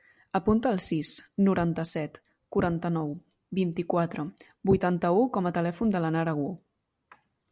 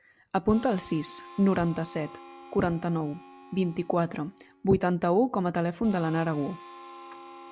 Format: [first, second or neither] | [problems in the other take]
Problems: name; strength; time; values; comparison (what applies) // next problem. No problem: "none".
first | background sound (Harmonica); 20 dB below the speech